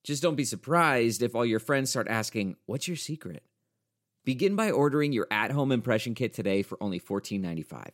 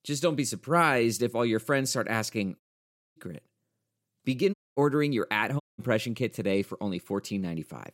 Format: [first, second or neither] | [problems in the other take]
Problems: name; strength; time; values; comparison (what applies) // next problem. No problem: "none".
first | audio cutting out; at 2.5 s for 0.5 s, at 4.5 s and at 5.5 s